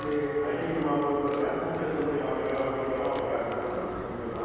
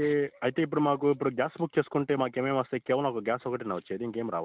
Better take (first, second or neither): second